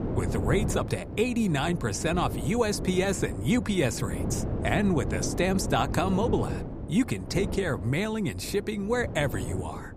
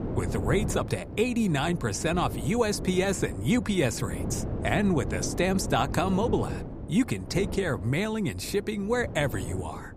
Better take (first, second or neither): second